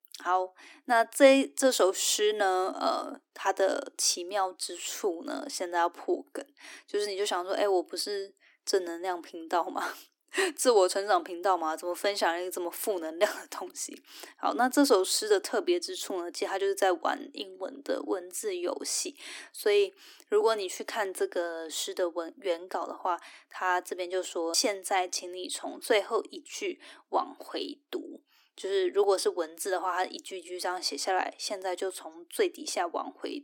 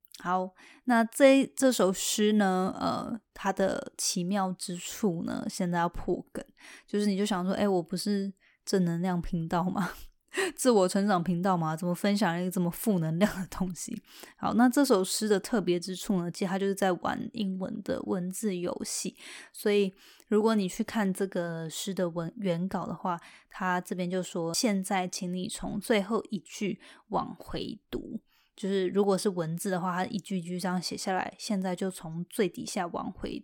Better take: second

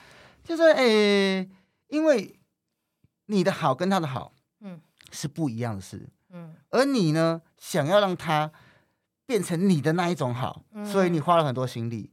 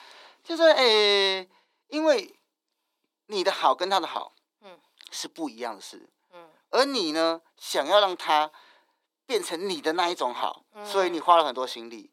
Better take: first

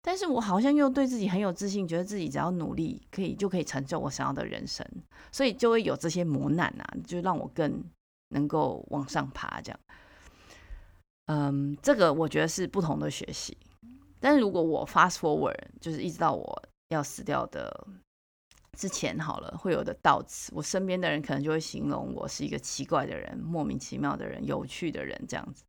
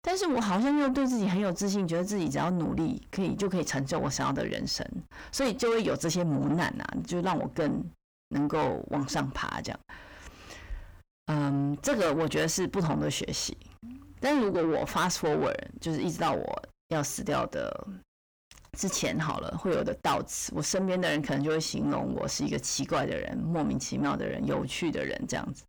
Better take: first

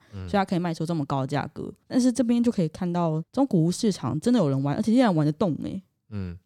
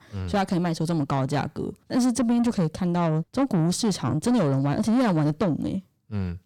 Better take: first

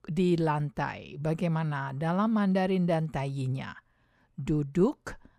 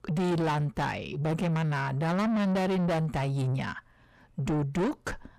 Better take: first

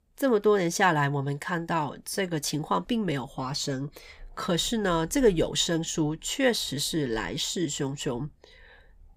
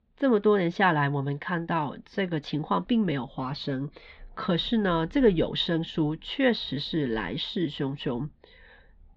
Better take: first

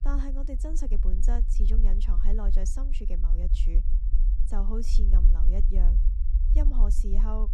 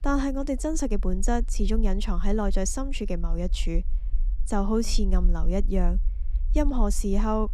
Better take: second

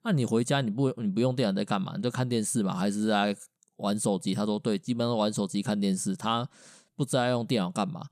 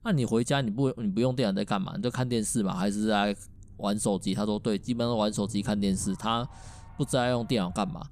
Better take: first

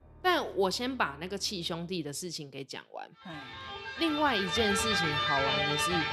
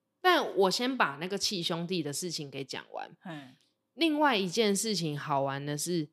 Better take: second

